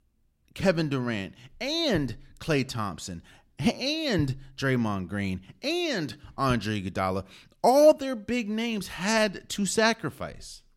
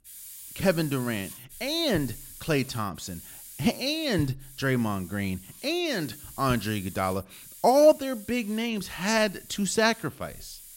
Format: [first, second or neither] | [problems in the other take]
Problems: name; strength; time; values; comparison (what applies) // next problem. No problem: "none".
first | hiss; noticeable; throughout; 15 dB below the speech